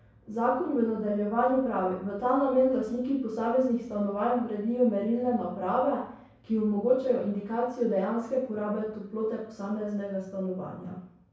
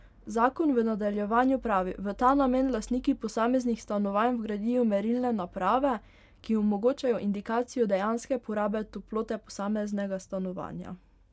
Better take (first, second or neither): second